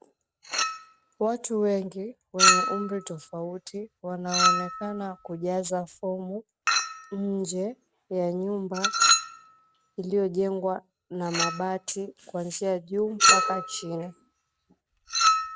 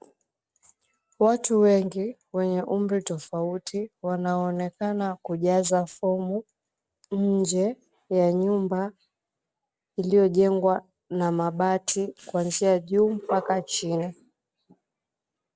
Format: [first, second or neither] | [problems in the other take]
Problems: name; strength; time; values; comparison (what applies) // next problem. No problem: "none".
second | background sound (Chink, clink); 2 dB above the speech